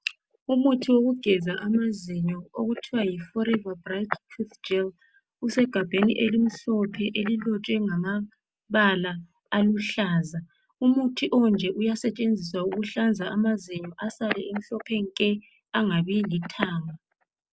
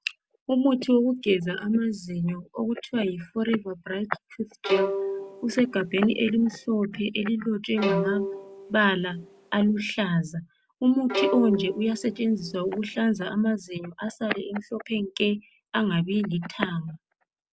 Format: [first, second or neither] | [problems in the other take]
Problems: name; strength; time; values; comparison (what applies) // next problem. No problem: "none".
first | background sound (Bowed string instrument); 6 dB below the speech